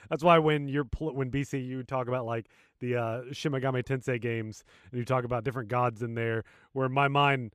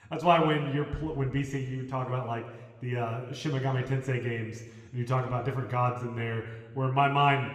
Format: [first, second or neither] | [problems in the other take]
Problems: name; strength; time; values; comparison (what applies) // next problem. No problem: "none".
first | room echo; slight; dies away in 1.2 s